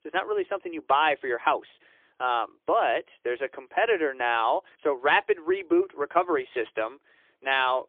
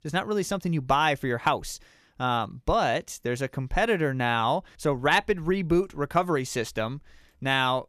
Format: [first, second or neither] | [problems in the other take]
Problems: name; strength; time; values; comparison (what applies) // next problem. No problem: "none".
second | phone-call audio; poor line; nothing above 3.5 kHz